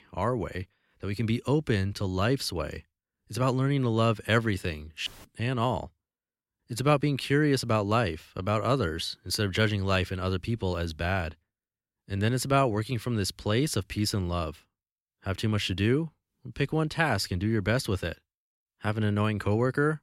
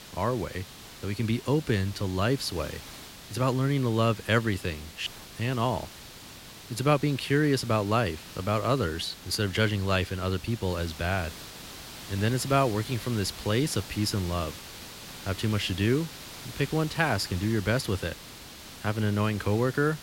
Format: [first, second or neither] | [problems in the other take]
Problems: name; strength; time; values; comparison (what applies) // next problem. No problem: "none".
first | hiss; noticeable; throughout; 15 dB below the speech